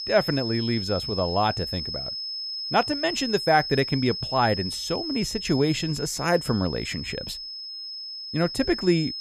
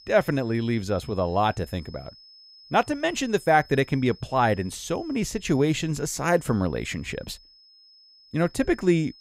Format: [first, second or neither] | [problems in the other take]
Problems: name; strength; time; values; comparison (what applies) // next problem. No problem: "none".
second | high-pitched whine; loud; throughout; 5 kHz, 5 dB below the speech; faint in the second